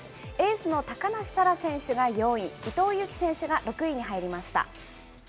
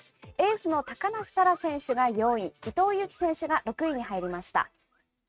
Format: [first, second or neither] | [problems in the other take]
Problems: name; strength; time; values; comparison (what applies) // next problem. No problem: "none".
first | noise reduction (neural mask model RNNoise)